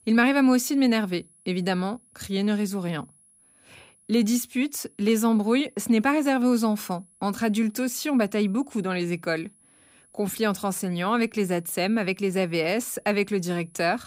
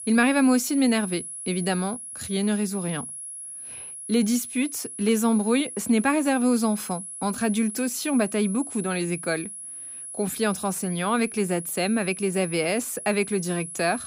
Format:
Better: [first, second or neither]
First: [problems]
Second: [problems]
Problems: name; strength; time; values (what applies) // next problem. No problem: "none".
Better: first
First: high-pitched whine; faint; throughout; 10.5 kHz, 30 dB below the speech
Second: high-pitched whine; loud; throughout; 10.5 kHz, 9 dB below the speech